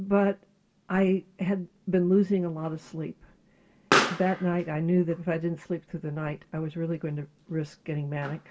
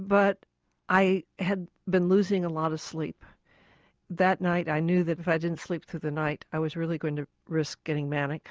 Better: second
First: background sound (Explosion); 8 dB below the speech // room echo; dies away in 0.2 s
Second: none

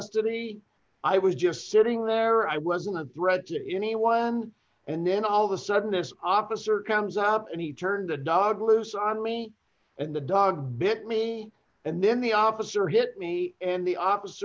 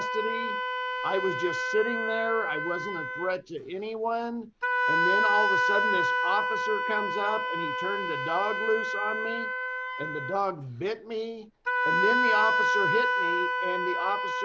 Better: first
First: none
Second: background sound (Wind instrument, woodwind instrument); 3 dB above the speech

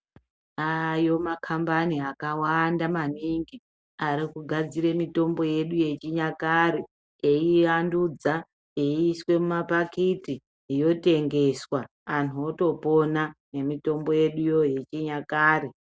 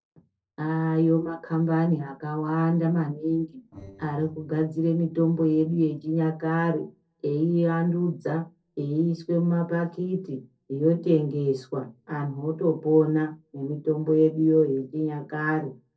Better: first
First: none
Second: noise reduction (neural separator model SepFormer DNS4)

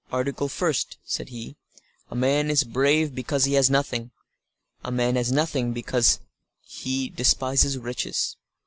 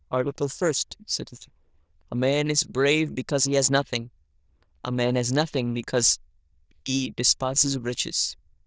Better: first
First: none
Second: noise reduction (neural diffusion model UNIVERSE++)

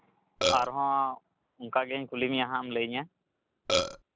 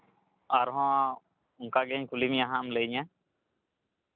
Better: second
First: background sound (Burping, eructation); 4 dB above the speech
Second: none

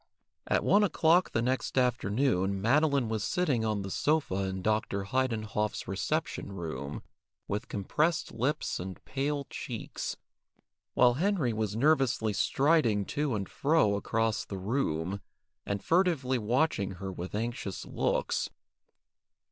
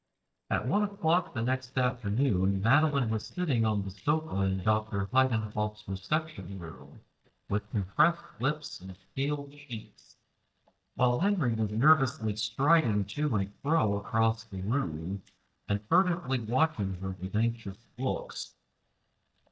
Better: first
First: none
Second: noise reduction (neural mask model DeepFilterNet 3)

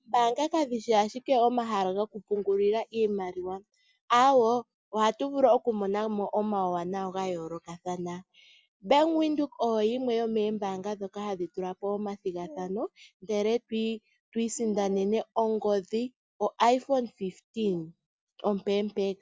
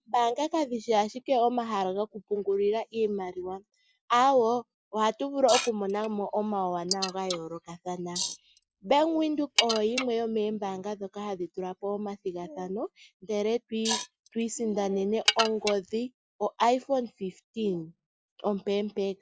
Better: first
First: none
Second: noise reduction (neural mask model Resemble Enhance denoiser)

